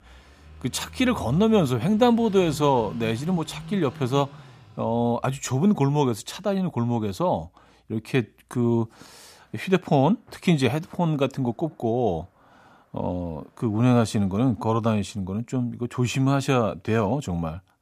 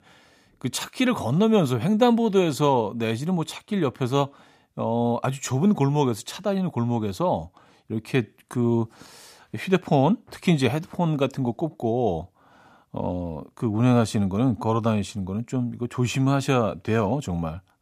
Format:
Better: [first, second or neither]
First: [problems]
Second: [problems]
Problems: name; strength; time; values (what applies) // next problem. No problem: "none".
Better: second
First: traffic noise; noticeable; throughout; 20 dB below the speech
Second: none